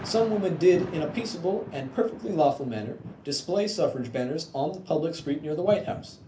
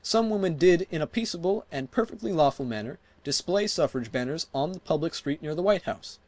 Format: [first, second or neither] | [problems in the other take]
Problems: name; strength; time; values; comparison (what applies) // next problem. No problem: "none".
second | background sound (Thunder / Rain); 15 dB below the speech // room echo; dies away in 0.3 s